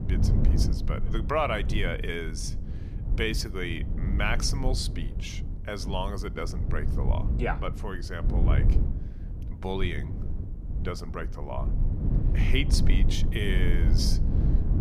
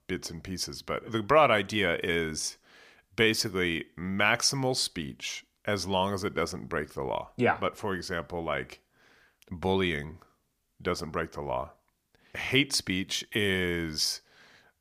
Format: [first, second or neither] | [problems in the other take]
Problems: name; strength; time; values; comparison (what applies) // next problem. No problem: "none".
second | low rumble; loud; throughout; 9 dB below the speech